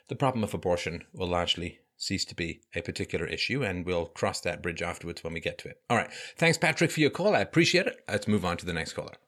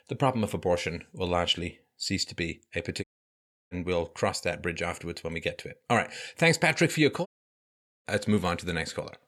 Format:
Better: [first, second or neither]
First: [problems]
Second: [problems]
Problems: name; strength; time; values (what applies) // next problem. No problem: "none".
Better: first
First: none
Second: audio cutting out; at 3 s for 0.5 s and at 7.5 s for 1 s